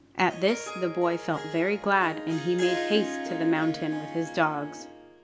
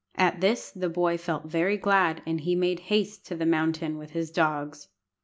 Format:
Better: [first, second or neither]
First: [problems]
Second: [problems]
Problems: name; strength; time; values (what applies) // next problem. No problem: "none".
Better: second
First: background sound (Harp); 9 dB below the speech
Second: none